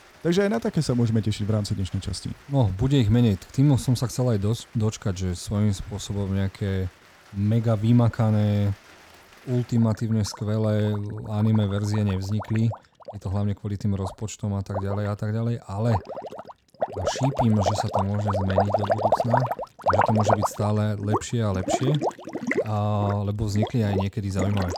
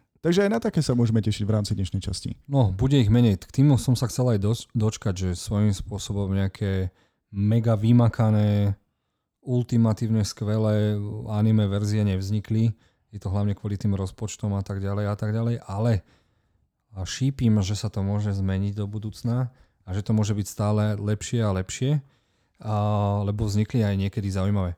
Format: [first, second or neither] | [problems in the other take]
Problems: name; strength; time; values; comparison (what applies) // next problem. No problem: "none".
second | rain or running water; loud; throughout; 3 dB below the speech